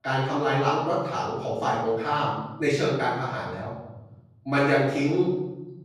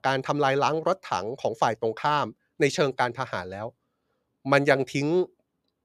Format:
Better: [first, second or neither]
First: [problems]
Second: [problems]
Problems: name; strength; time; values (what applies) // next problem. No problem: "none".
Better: second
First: room echo; noticeable; dies away in 1.3 s // off-mic speech; far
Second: none